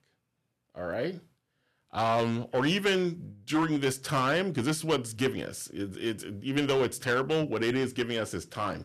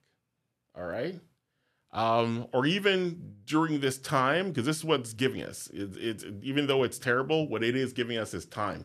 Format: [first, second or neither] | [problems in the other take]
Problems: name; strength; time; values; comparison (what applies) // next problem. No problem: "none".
second | distortion; slight; 5% of the sound clipped